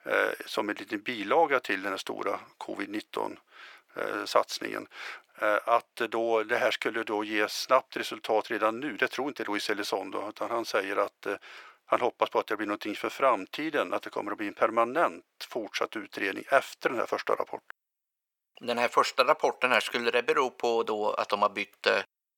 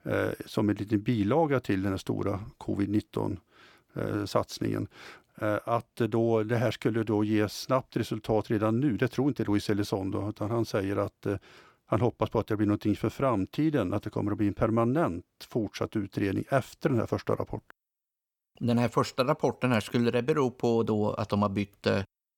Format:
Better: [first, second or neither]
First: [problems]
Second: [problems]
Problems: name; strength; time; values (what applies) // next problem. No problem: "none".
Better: second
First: thin; very; fading below 600 Hz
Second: none